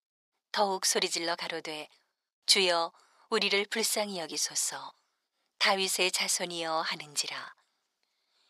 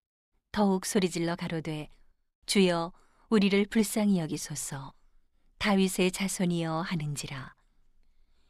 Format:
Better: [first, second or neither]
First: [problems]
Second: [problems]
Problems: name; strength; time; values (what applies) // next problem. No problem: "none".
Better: second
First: thin; very; fading below 650 Hz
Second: none